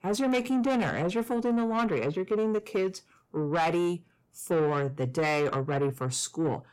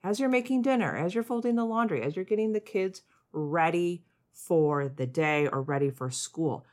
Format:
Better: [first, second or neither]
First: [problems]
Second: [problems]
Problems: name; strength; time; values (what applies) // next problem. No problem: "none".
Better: second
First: distortion; slight; 10 dB below the speech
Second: none